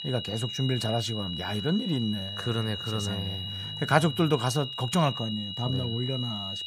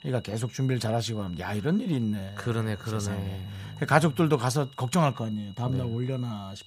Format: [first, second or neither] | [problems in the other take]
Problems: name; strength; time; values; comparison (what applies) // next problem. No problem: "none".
second | high-pitched whine; loud; throughout; 3 kHz, 5 dB below the speech; faint in the second